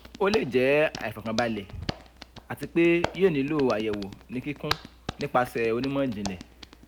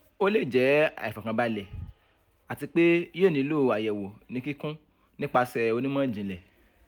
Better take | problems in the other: second | background sound (Hands); 12 dB below the speech

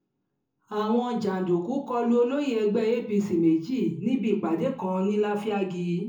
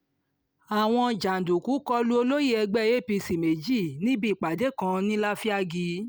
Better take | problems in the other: second | room echo; dies away in 0.6 s

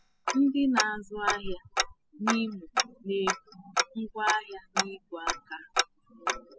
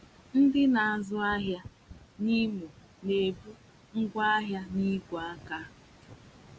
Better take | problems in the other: second | noise reduction (classical method spectral subtraction)

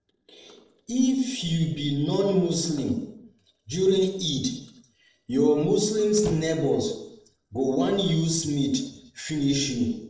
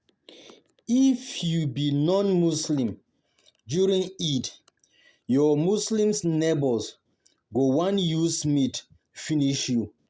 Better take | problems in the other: second | noise reduction (neural separator model SepFormer DNS4)

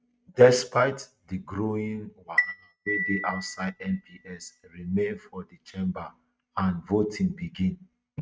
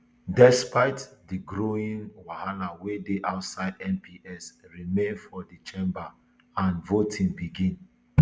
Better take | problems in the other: second | noise reduction (neural mask model RNNoise)

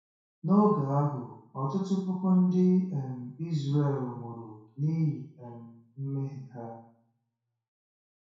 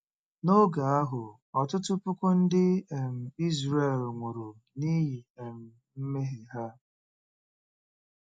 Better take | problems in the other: second | room echo; dies away in 0.6 s

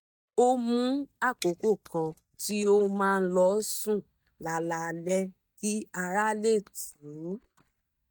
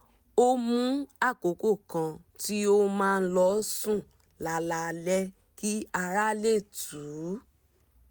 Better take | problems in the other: second | noise reduction (neural mask model DeepFilterNet 3)

